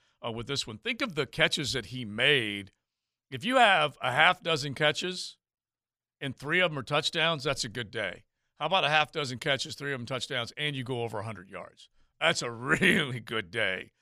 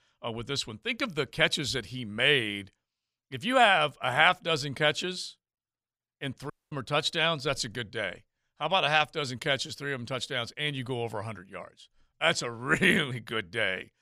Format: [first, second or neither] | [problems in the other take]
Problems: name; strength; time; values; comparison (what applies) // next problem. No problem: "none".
first | audio cutting out; at 6.5 s